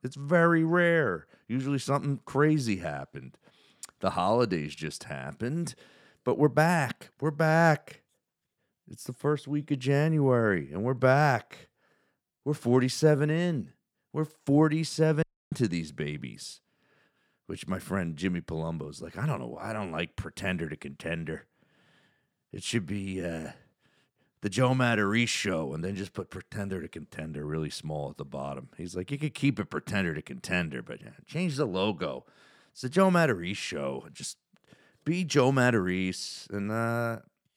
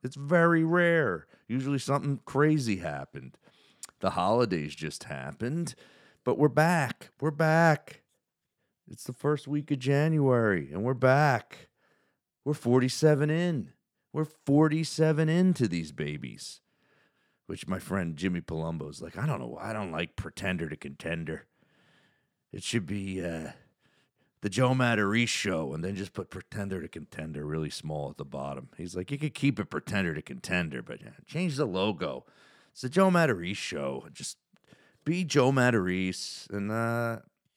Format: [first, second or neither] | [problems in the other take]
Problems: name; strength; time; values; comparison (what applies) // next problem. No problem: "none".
second | audio cutting out; at 15 s